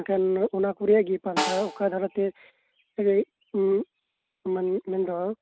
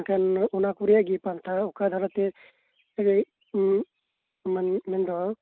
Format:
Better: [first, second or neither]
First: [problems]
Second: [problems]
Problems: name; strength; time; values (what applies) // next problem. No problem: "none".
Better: second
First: background sound (Snare drum); 9 dB below the speech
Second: none